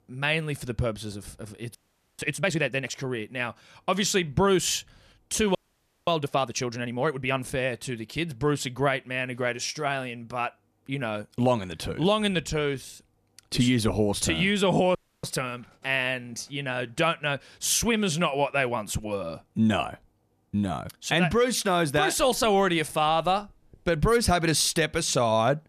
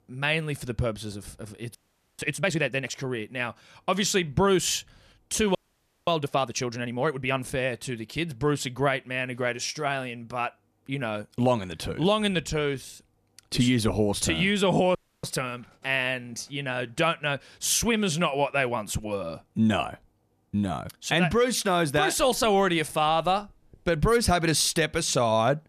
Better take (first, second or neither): neither